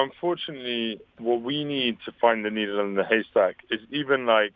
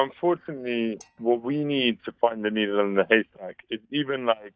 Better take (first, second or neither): first